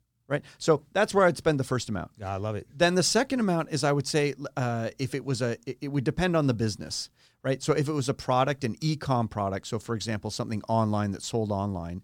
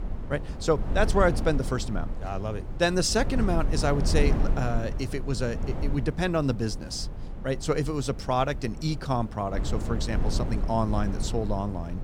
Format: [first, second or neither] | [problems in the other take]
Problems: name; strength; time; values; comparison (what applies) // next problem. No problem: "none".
first | wind noise on the microphone; occasional gusts; 10 dB below the speech